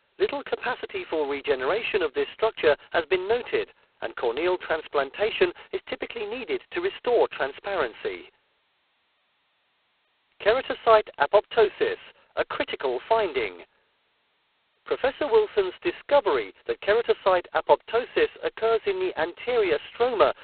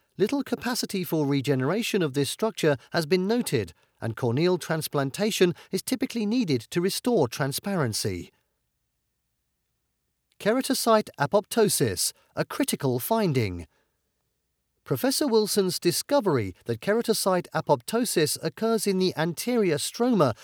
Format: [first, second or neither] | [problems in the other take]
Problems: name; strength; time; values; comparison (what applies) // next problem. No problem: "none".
second | phone-call audio; poor line; nothing above 4 kHz